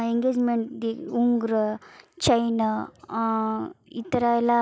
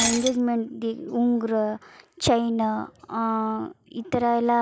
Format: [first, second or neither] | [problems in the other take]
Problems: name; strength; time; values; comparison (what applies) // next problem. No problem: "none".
first | background sound (Shatter); 12 dB below the speech